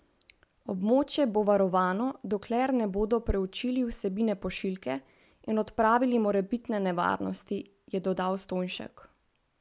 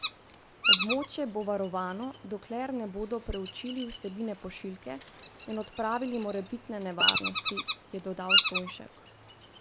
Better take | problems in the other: first | background sound (Bird vocalization, bird call, bird song); 2 dB above the speech

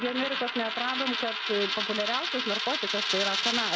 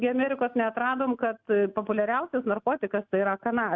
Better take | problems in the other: second | background sound (Coin (dropping)); 1 dB above the speech

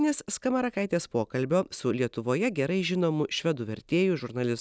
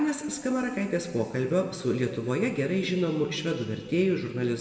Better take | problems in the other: first | room echo; dies away in 1.9 s

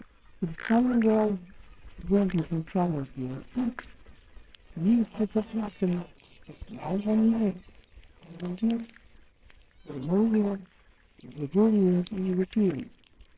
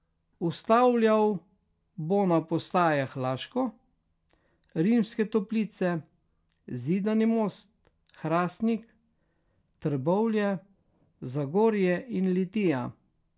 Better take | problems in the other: second | noise reduction (neural separator model SepFormer WHAMR!)

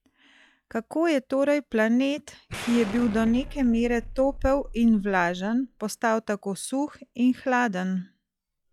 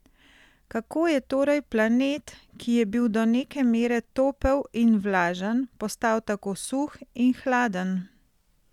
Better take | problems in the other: second | noise reduction (classical method log-MMSE)

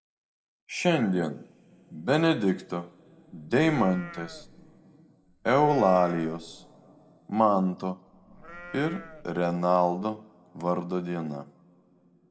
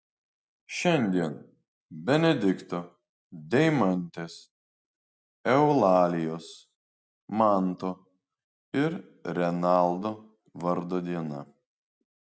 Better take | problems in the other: second | background sound (Livestock, farm animals, working animals); 18 dB below the speech // room echo; dies away in 1.2 s

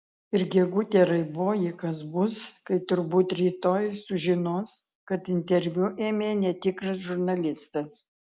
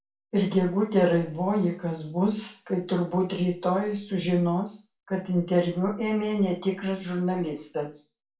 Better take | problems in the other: first | room echo; dies away in 0.3 s

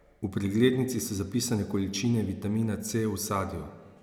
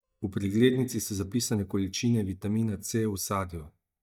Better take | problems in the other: first | noise reduction (neural mask model DeepFilterNet 3)

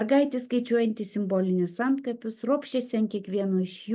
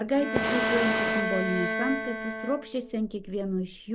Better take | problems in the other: first | background sound (Bowed string instrument + Fire); 1 dB below the speech

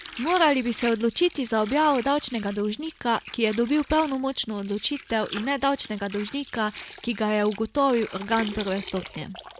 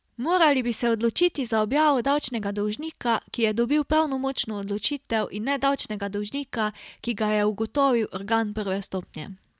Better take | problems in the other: second | background sound (Water); 16 dB below the speech

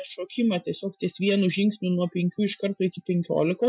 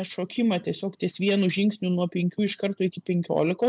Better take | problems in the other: second | noise reduction (classical method Wiener filter)

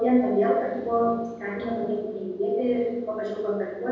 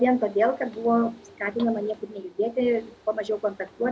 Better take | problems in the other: second | room echo; dies away in 1.3 s

